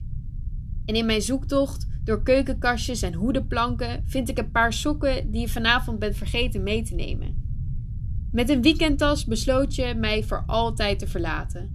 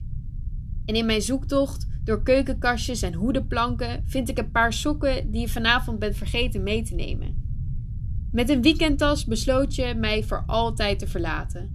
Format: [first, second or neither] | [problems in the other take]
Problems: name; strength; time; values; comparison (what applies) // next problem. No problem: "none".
neither | low rumble; faint; throughout; 25 dB below the speech; the same in both